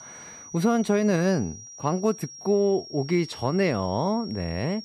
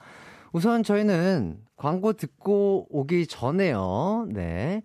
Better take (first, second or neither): second